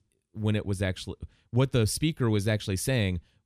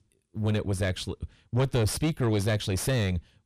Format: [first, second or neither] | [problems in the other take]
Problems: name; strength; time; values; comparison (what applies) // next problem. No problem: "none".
first | distortion; heavy; 6 dB below the speech